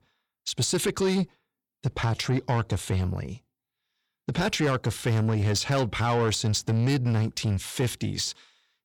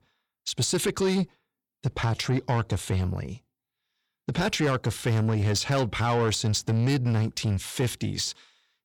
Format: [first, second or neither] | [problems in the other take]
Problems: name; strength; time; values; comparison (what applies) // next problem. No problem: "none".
neither | distortion; slight; 10 dB below the speech; the same in both